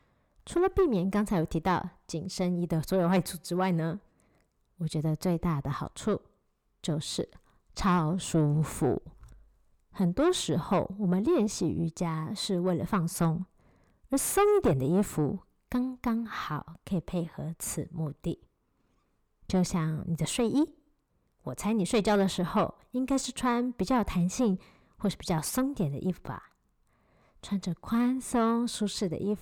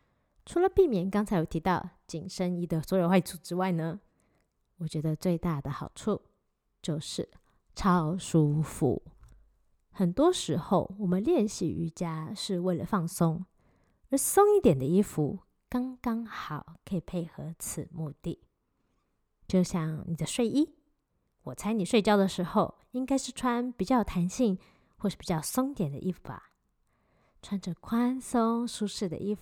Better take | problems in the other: second | distortion; slight; 9 dB below the speech

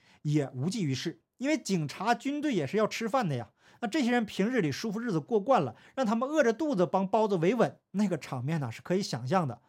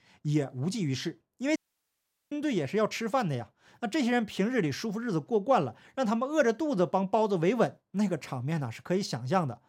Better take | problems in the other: first | audio cutting out; at 1.5 s for 1 s

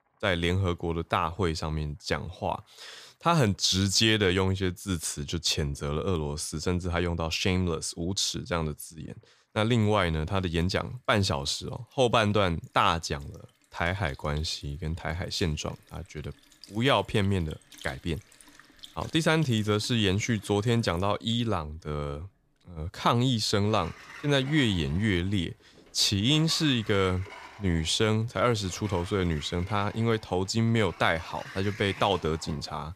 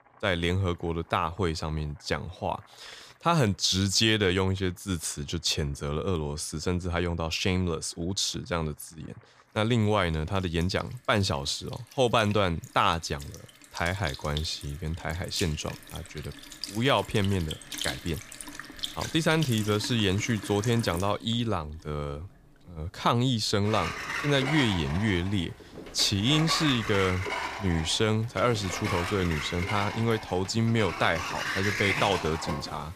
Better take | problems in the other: first | household noises; loud; throughout; 7 dB below the speech; faint in the first

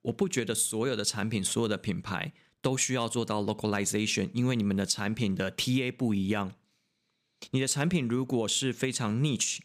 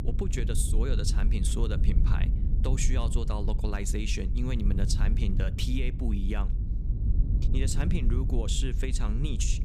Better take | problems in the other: first | low rumble; loud; throughout; 8 dB below the speech

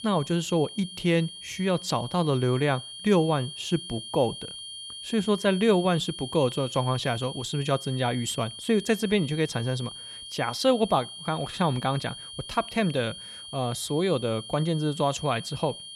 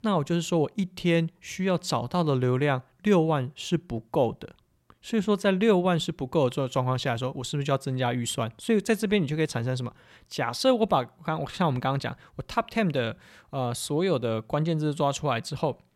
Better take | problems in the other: second | high-pitched whine; noticeable; throughout; 3 kHz, 10 dB below the speech

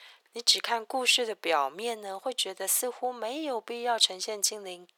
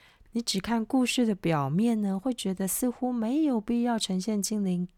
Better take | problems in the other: second | thin; very; fading below 500 Hz

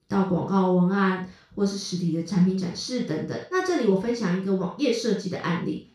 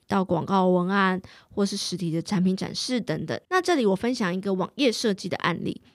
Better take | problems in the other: second | room echo; noticeable; dies away in 0.3 s // off-mic speech; far

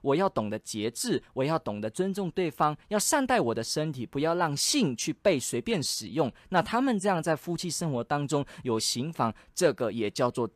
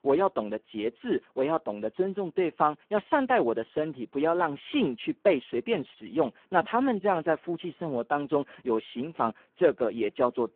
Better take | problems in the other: first | phone-call audio; poor line

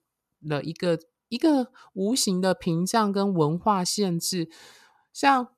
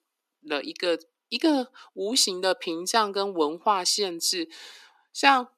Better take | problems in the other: first | thin; somewhat; fading below 250 Hz

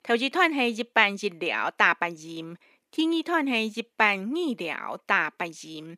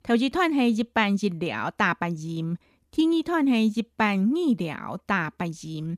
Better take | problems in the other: second | thin; somewhat; fading below 450 Hz

